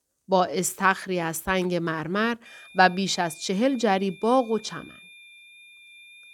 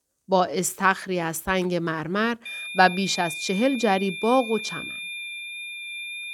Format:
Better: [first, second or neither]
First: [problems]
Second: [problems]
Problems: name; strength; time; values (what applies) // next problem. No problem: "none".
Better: first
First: high-pitched whine; faint; from 2.5 s on; 2.5 kHz, 20 dB below the speech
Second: high-pitched whine; loud; from 2.5 s on; 2.5 kHz, 9 dB below the speech